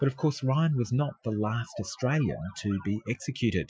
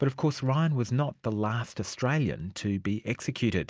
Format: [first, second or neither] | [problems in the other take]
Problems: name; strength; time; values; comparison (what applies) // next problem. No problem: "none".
second | noise reduction (classical method Wiener filter)